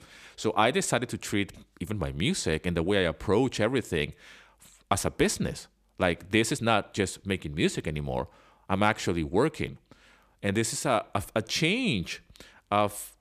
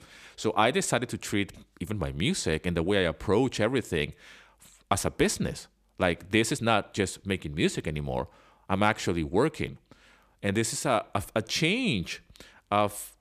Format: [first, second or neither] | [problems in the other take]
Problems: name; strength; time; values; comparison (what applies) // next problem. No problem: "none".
neither | none